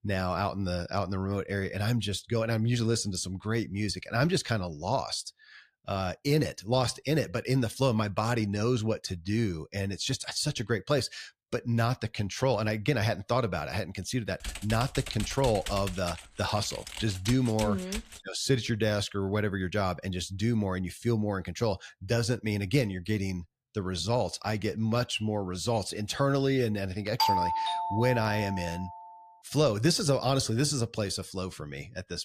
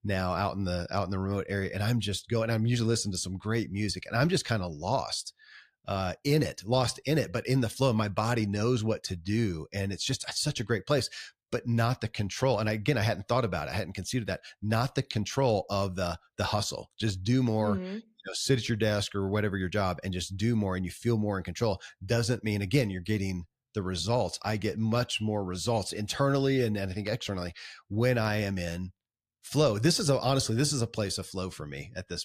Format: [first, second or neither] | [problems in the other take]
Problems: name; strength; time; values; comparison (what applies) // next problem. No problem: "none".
second | keyboard typing; noticeable; from 14 to 18 s; peak 7 dB below the speech // doorbell; loud; from 27 to 29 s; peak 4 dB above the speech